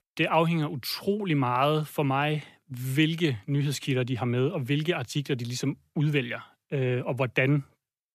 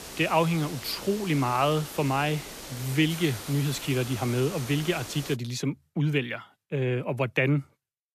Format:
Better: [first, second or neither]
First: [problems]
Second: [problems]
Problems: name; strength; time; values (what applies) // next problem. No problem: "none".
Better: first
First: none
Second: hiss; noticeable; until 5.5 s; 10 dB below the speech